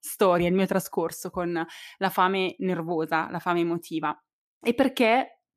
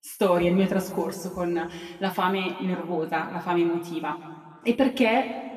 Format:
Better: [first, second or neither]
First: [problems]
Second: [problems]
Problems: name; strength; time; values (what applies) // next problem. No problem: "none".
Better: first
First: none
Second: room echo; slight; dies away in 1.7 s // off-mic speech; somewhat distant